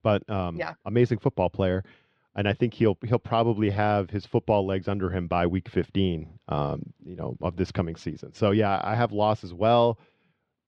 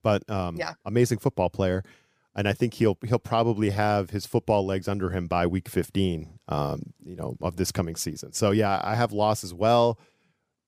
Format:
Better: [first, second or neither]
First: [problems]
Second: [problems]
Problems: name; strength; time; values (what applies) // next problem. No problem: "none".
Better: second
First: muffled; slightly; fading above 3.5 kHz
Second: none